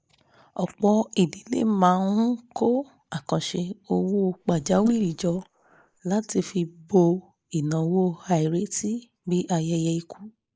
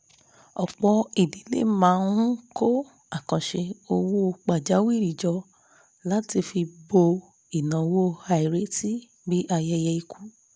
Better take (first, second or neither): second